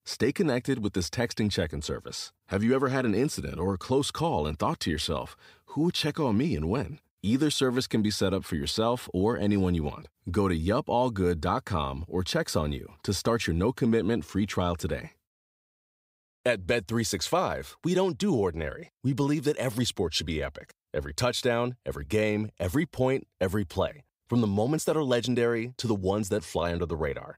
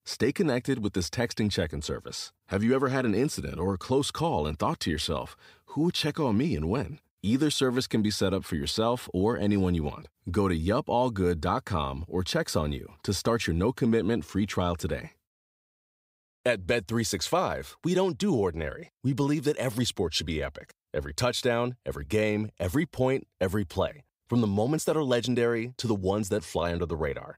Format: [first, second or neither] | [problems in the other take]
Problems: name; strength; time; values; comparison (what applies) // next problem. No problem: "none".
neither | none